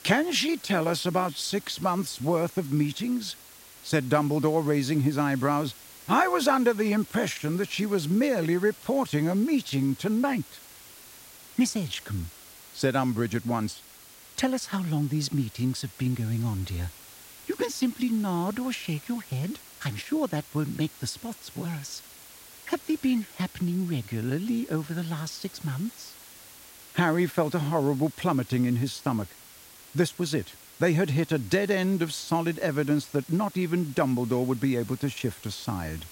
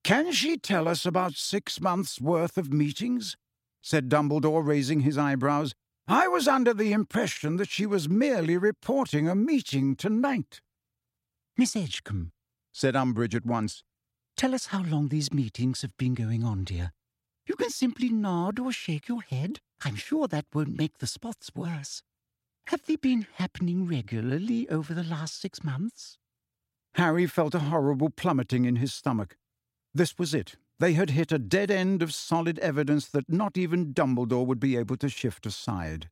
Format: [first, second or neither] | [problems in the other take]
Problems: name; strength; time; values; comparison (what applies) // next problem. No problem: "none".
second | hiss; noticeable; throughout; 20 dB below the speech